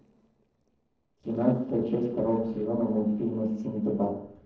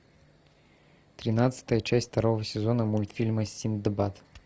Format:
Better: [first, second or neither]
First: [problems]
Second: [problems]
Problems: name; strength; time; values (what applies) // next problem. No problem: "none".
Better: second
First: noise reduction (neural separator model SepFormer DNS4)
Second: none